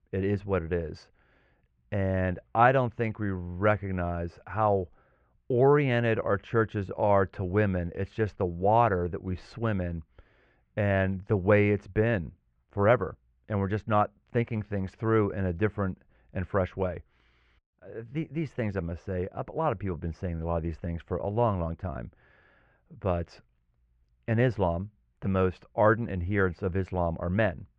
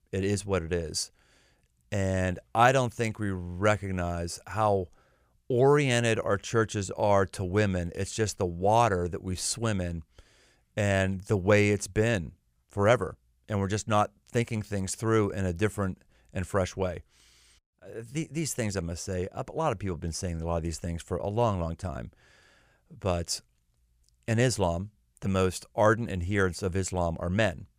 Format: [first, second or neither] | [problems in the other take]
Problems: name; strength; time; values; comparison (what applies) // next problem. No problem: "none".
second | muffled; very; fading above 2 kHz